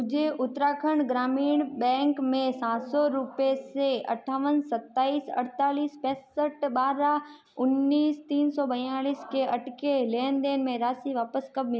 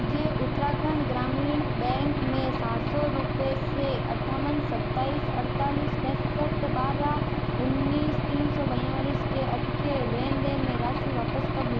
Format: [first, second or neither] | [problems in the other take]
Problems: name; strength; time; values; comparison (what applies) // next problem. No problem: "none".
first | background sound (Engine / Aircraft); 3 dB above the speech